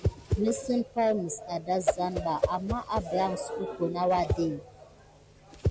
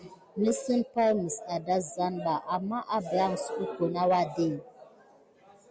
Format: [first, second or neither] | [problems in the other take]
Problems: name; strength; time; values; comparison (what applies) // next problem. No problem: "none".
second | background sound (Whoosh, swoosh, swish); 4 dB below the speech